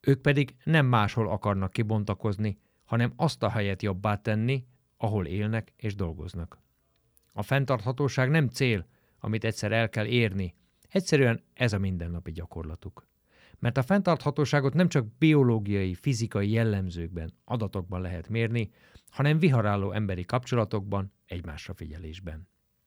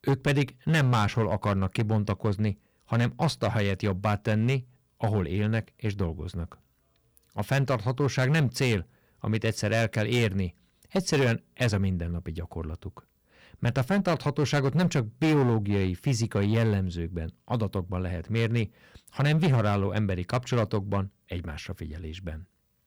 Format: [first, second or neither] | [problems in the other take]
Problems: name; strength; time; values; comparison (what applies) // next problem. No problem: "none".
first | distortion; slight; 7% of the sound clipped